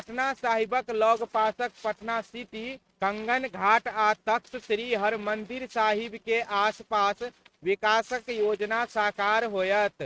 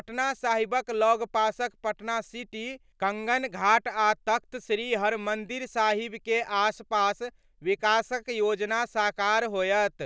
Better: second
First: noise reduction (neural mask model RNNoise)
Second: none

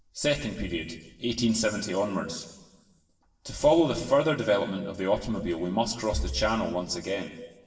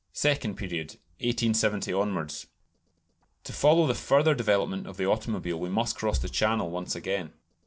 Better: second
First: room echo; dies away in 1.2 s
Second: none

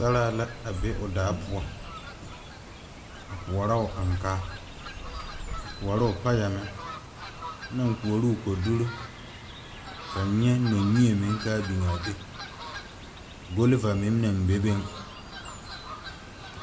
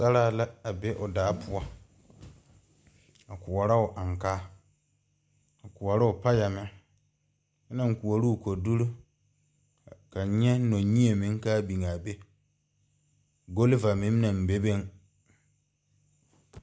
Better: second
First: background sound (Fowl); 11 dB below the speech // room echo; dies away in 0.7 s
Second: none

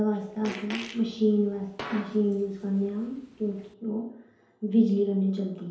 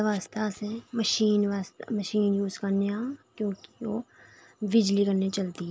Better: second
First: background sound (Fart); 15 dB below the speech // room echo; dies away in 2.2 s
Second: none

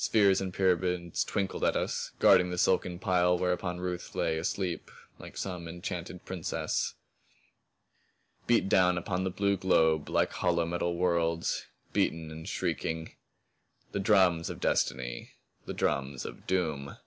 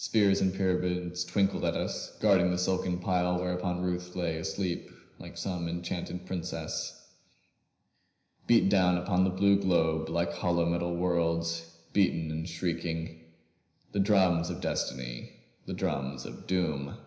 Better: first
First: none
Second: room echo; dies away in 0.9 s

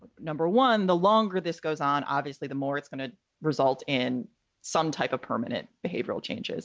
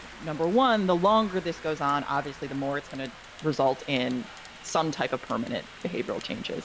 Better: first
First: none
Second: background sound (Rain); 17 dB below the speech

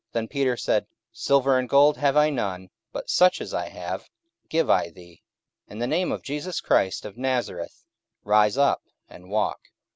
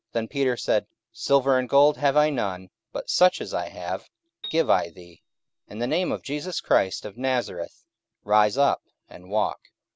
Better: first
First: none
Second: background sound (Piano); 19 dB below the speech

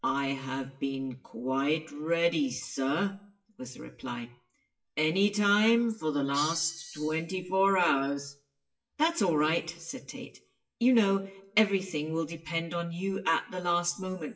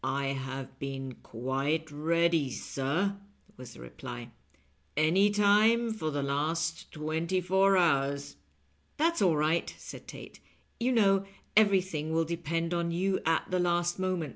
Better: second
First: noise reduction (classical method WPE with log-MMSE)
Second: none

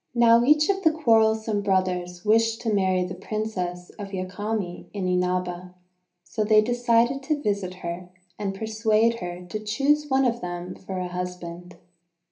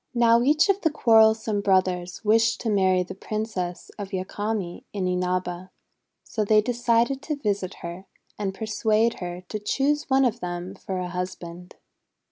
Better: second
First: room echo; dies away in 0.3 s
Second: none

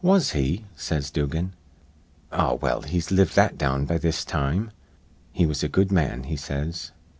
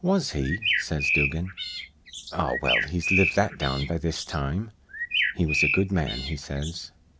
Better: first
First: none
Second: background sound (Bird); 1 dB below the speech

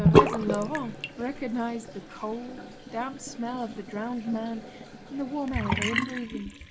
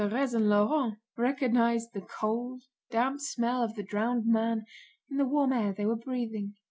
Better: second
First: background sound (Bathtub (filling or washing) / Sink (filling or washing)); 4 dB above the speech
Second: none

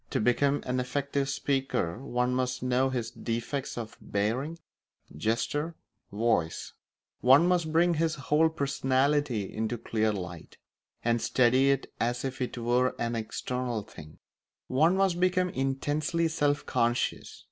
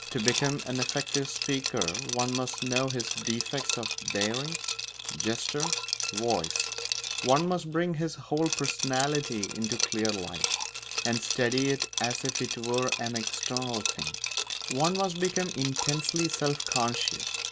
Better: first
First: none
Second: background sound (Liquid); 2 dB below the speech

